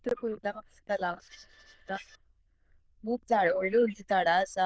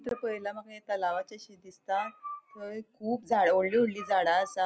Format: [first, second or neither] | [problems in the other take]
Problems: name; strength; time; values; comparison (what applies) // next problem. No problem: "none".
second | noise reduction (neural diffusion model UNIVERSE++)